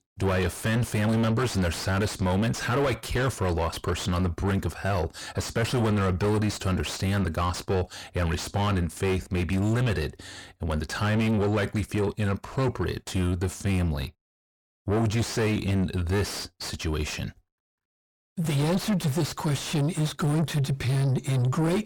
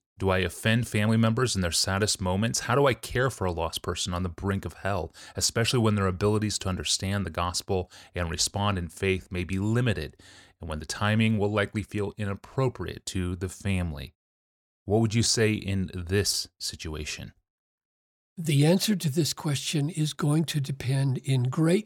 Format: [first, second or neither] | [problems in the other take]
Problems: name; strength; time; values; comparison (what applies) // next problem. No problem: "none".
second | distortion; heavy; 5 dB below the speech